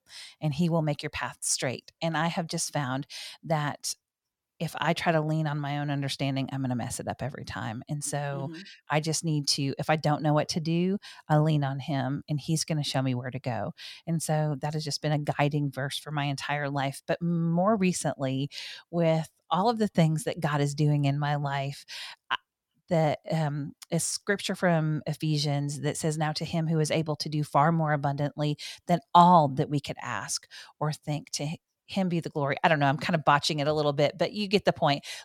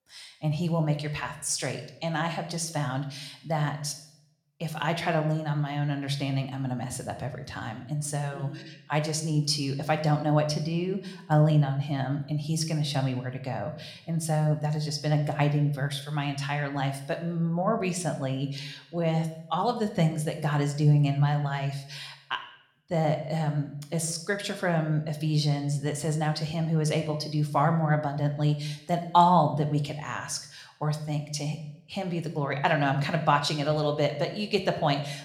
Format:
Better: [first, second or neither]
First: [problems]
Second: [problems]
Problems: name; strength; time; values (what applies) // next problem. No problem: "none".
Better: first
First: none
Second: room echo; slight; dies away in 0.6 s